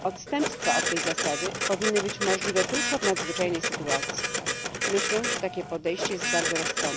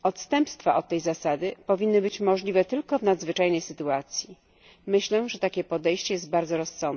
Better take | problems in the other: second | background sound (Printer); 1 dB above the speech

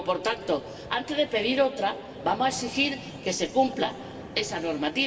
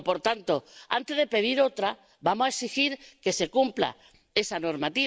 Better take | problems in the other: second | background sound (Vehicle); 16 dB below the speech // room echo; dies away in 2.5 s

